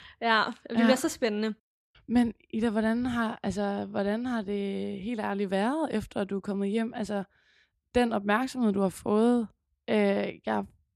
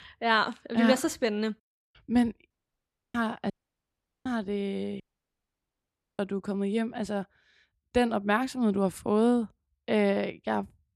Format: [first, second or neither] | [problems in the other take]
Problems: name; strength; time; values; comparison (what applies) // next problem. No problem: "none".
first | audio cutting out; at 2.5 s for 0.5 s, at 3.5 s for 1 s and at 5 s for 1 s